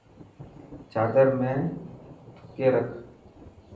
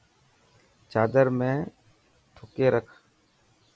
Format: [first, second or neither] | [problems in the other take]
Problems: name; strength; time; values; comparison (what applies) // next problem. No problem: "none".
second | background sound (Thunder / Rain); 20 dB below the speech // room echo; dies away in 0.6 s